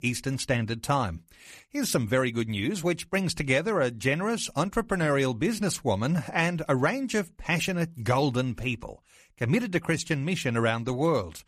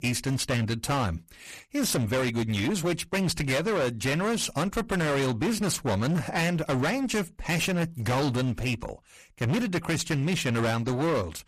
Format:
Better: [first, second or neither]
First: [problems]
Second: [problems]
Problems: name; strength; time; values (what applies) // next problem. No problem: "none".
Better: first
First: none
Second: distortion; heavy; 26% of the sound clipped